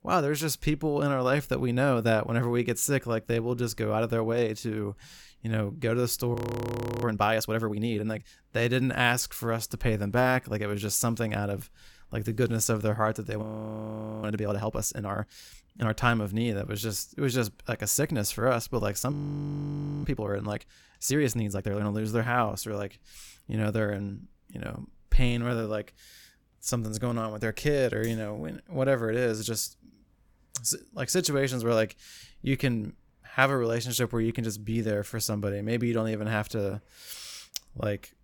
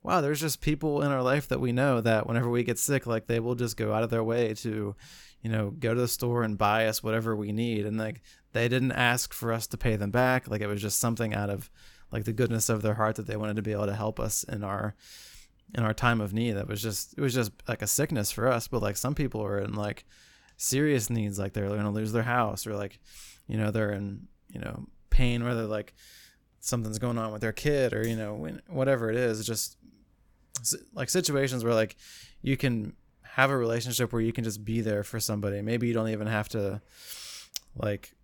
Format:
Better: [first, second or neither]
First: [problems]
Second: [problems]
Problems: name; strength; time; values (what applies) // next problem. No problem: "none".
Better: second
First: audio freezing; at 6.5 s for 0.5 s, at 13 s for 1 s and at 19 s for 1 s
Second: none